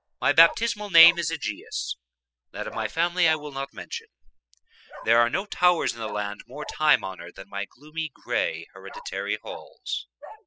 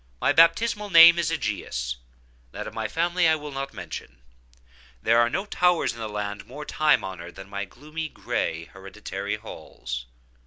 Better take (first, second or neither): second